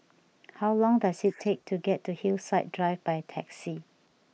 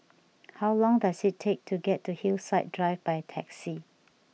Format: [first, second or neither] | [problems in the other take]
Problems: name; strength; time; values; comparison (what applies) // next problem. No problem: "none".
second | noise reduction (neural mask model Resemble Enhance denoiser)